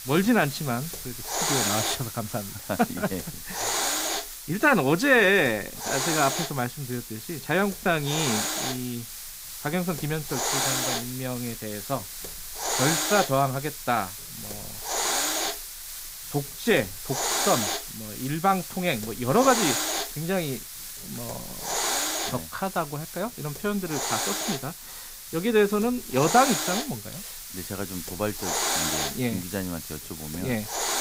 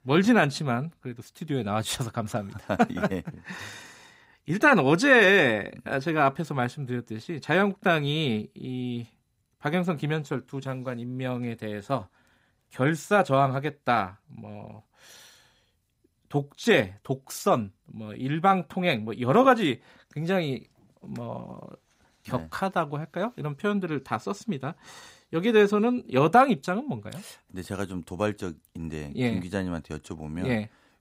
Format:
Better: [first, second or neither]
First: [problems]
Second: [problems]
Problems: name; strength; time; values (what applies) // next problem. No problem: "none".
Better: second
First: hiss; loud; throughout; 3 dB below the speech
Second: none